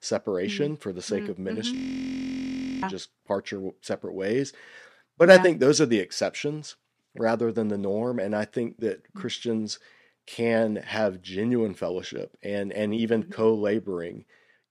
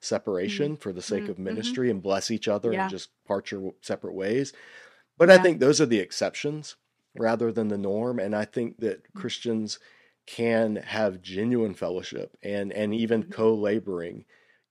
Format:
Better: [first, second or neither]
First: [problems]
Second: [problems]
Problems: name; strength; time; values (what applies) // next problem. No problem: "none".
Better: second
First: audio freezing; at 2 s for 1 s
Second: none